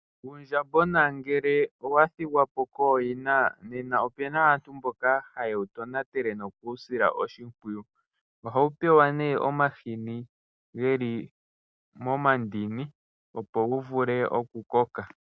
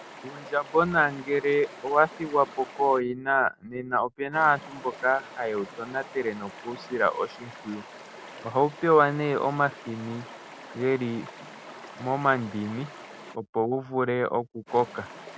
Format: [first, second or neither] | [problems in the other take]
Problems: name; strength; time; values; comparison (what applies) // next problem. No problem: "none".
first | background sound (Stream); 17 dB below the speech